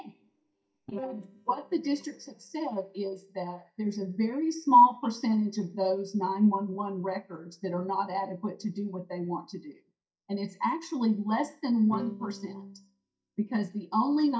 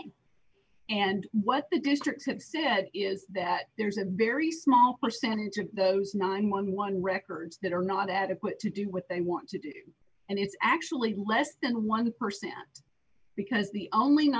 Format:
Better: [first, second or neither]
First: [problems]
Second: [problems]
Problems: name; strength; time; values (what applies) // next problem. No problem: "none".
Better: second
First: noise reduction (neural mask model DeepFilterNet 3)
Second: none